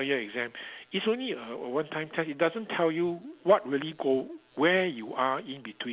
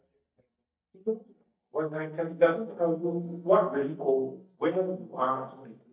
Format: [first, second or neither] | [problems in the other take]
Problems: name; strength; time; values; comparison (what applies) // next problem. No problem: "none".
first | noise reduction (neural mask model DeepFilterNet 3)